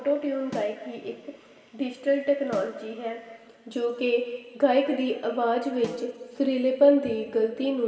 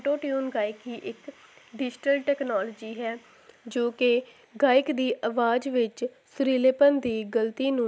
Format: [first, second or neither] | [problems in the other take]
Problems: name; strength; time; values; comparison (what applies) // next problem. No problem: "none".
second | background sound (Snare drum); 17 dB below the speech // room echo; dies away in 2.2 s